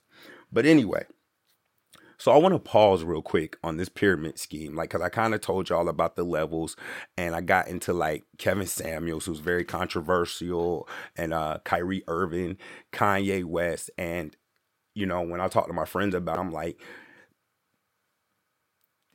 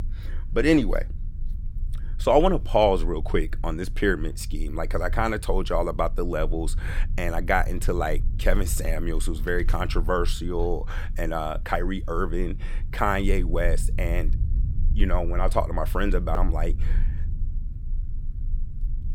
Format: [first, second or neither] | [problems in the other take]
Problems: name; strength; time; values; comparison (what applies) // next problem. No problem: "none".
first | low rumble; faint; throughout; 25 dB below the speech